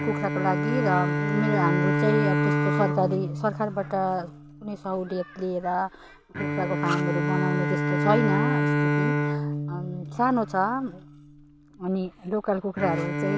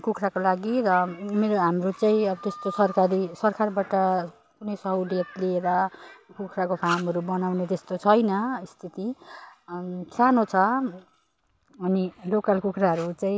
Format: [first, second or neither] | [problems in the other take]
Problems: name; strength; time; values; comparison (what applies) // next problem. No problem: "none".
second | background sound (Bowed string instrument); 1 dB above the speech